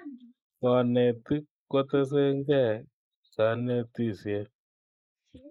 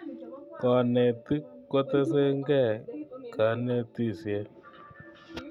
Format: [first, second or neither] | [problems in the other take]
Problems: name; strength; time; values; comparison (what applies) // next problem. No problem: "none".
second | noise reduction (neural mask model Resemble Enhance denoiser)